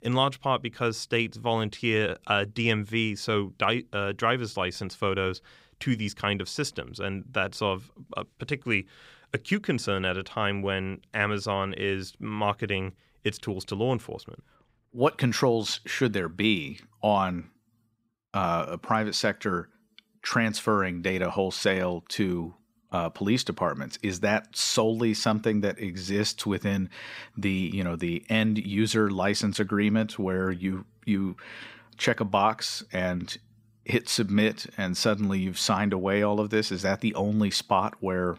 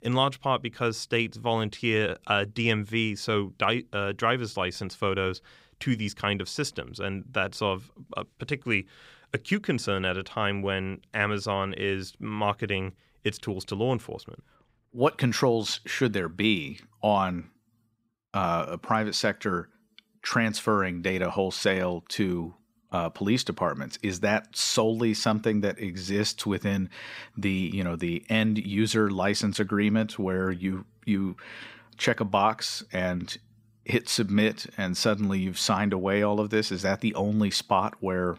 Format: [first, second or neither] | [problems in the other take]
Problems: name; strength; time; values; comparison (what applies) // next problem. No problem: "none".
neither | none